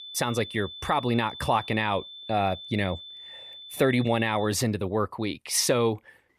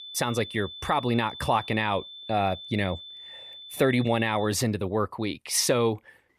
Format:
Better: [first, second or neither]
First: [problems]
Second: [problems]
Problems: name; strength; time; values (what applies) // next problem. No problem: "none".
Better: neither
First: high-pitched whine; noticeable; until 4.5 s; 3.5 kHz, 15 dB below the speech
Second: high-pitched whine; noticeable; until 4.5 s; 3.5 kHz, 15 dB below the speech